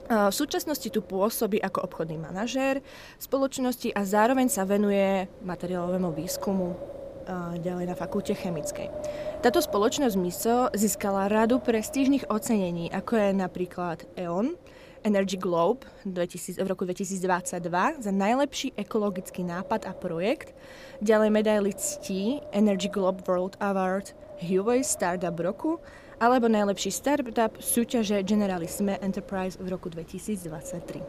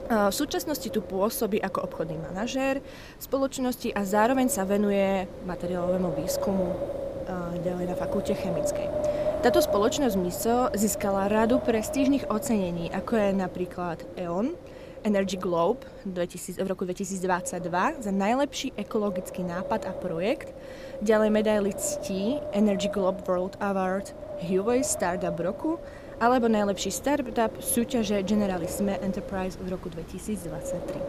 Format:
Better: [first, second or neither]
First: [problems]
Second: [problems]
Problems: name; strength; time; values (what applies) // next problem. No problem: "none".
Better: first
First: wind noise on the microphone; occasional gusts; 15 dB below the speech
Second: wind noise on the microphone; heavy; 6 dB below the speech